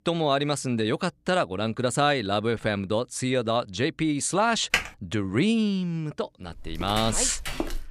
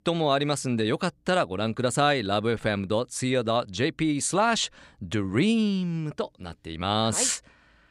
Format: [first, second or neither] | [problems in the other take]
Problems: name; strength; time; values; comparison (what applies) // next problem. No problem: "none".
second | keyboard typing; noticeable; at 4.5 s; peak level with the speech // footsteps; noticeable; from 6.5 s on; peak 7 dB below the speech